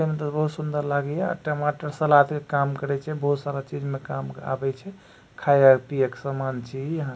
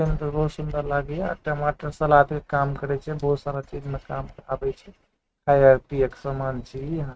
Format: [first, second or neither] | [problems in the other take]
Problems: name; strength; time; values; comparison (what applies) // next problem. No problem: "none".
first | noise reduction (neural mask model RNNoise)